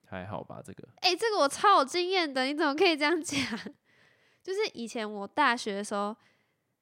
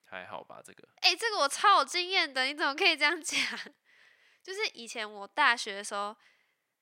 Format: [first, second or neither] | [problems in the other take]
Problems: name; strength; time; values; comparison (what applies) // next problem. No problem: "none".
first | thin; somewhat; fading below 1 kHz